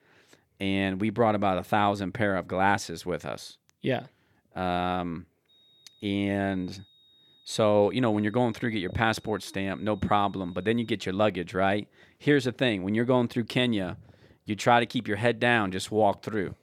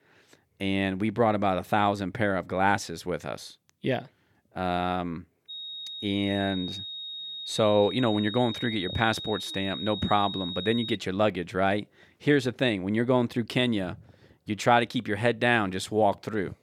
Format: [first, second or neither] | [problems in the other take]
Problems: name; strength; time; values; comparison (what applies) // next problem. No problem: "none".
first | high-pitched whine; loud; from 5.5 to 11 s; 3.5 kHz, 8 dB below the speech; faint in the first